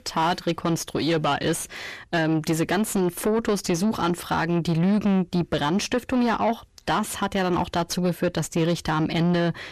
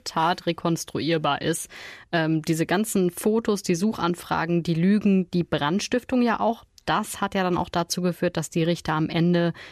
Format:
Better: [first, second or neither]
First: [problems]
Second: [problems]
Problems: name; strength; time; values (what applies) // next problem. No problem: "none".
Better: second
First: distortion; slight; 9 dB below the speech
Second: none